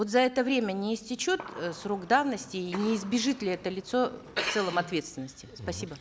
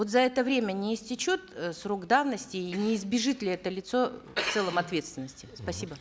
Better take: second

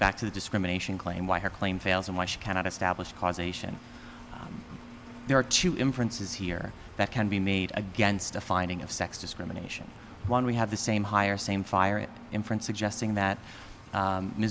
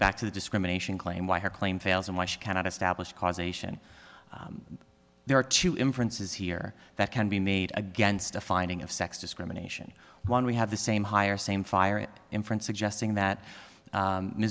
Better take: second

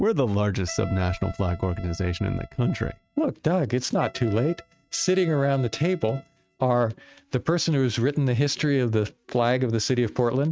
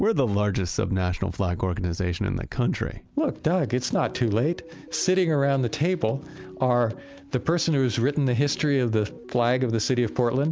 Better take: second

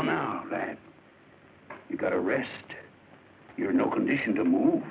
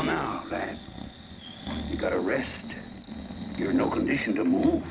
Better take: first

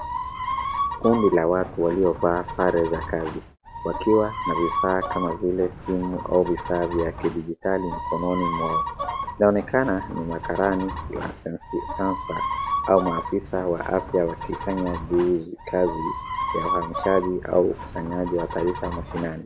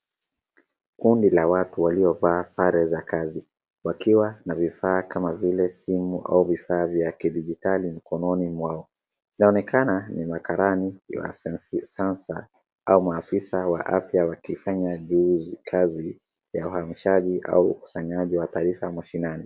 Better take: second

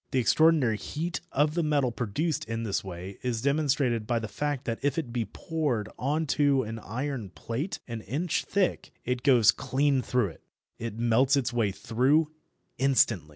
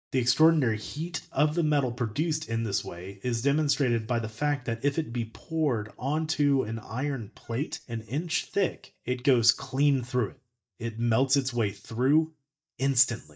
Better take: first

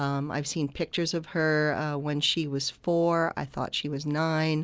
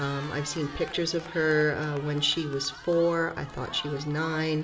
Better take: first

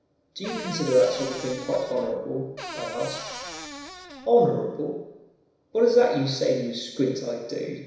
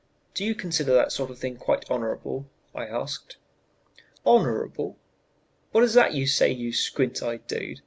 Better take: second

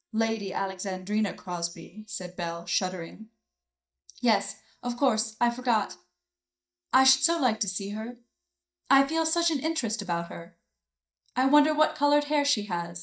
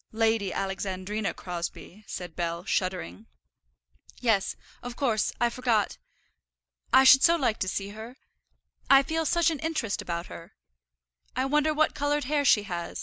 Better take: second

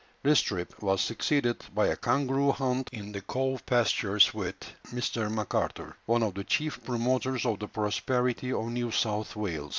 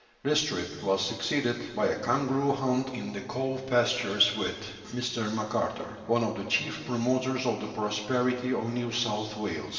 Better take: first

